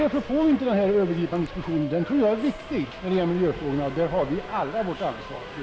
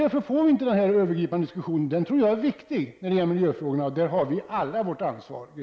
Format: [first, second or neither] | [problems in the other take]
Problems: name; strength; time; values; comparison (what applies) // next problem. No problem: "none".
second | background sound (Subway, metro, underground); 13 dB below the speech